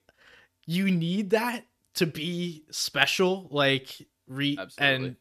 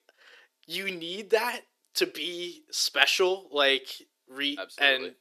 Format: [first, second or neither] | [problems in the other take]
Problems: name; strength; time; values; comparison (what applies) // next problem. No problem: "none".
first | thin; somewhat; fading below 350 Hz